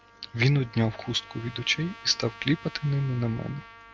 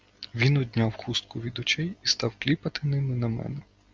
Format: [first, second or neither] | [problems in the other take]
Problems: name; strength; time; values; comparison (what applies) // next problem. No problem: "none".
second | background sound (Trumpet); 19 dB below the speech